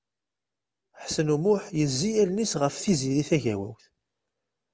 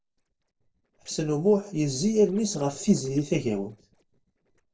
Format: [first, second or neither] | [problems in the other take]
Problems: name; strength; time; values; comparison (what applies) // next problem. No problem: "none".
first | noise reduction (neural separator model SepFormer DNS4)